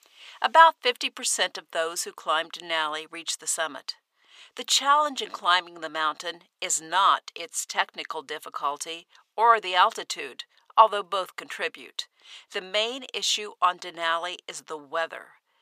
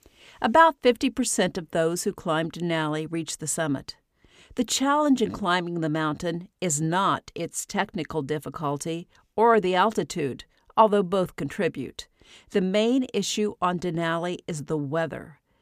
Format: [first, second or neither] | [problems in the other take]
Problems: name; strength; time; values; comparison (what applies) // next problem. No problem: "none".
second | thin; very; fading below 850 Hz